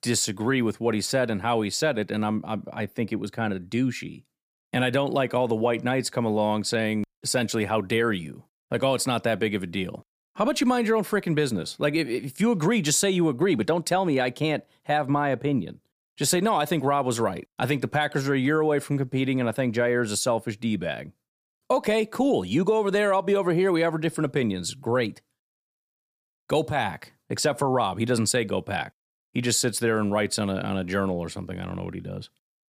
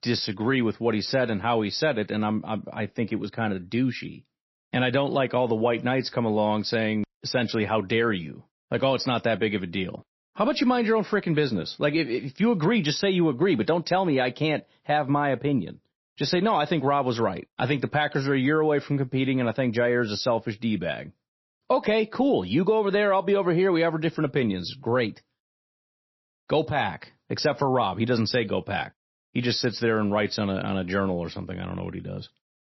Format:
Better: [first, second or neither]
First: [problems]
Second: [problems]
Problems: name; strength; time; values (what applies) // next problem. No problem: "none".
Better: first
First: none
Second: garbled, watery; slightly; nothing above 5.5 kHz